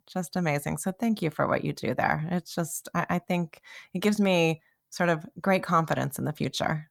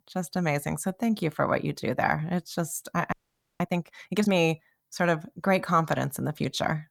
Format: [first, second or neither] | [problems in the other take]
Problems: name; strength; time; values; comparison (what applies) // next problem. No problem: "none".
first | audio freezing; at 3 s